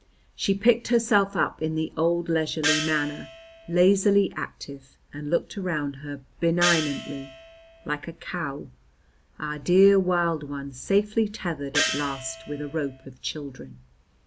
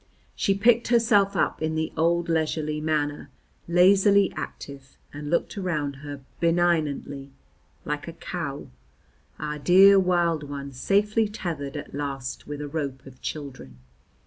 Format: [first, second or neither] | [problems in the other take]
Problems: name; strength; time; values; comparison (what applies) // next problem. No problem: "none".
second | background sound (Gong); 5 dB below the speech